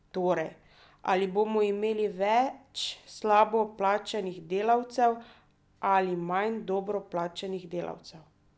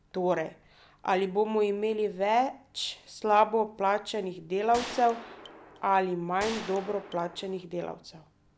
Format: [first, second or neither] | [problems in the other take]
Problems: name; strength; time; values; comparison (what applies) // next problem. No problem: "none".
first | background sound (Gunshot, gunfire); 13 dB below the speech